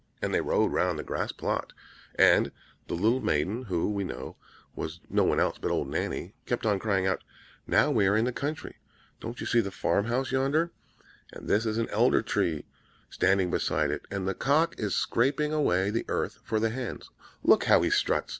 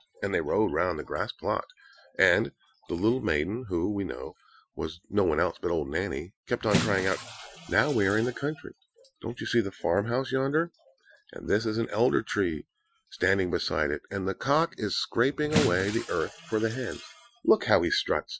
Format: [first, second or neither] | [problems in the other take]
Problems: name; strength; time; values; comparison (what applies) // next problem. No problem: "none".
first | noise reduction (classical method Wiener filter)